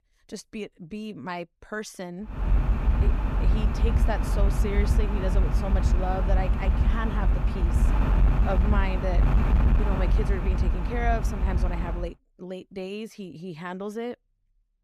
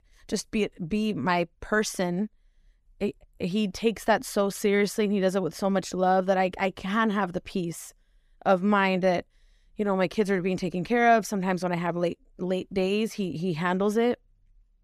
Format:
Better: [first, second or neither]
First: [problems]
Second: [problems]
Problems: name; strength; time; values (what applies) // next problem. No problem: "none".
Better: second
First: wind noise on the microphone; heavy; from 2.5 to 12 s; 1 dB below the speech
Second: none